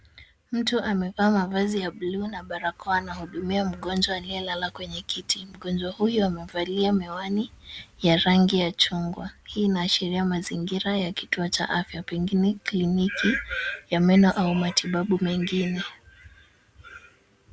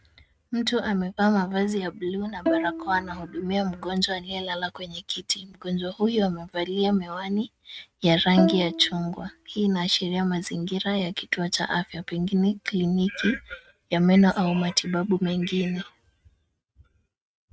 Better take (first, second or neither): first